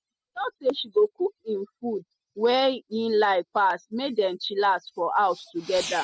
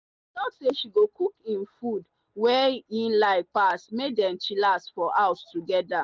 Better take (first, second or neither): second